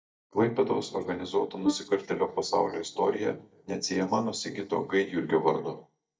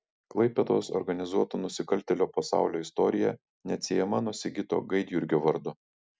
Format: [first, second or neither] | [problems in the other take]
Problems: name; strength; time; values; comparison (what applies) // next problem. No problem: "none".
second | noise reduction (neural mask model DeepFilterNet 3)